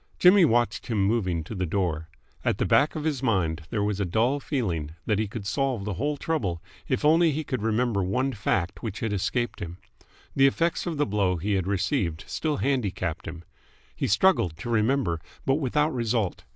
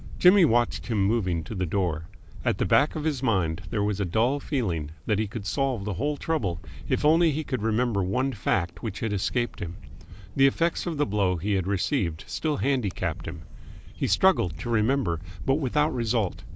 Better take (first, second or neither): first